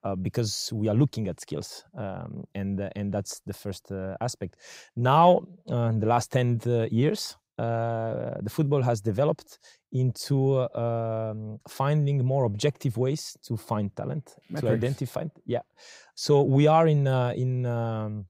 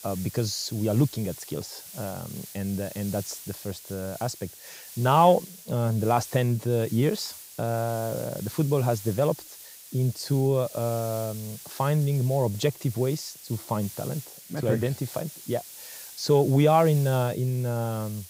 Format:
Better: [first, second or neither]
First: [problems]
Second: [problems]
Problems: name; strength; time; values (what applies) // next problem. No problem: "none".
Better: first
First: none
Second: hiss; noticeable; throughout; 15 dB below the speech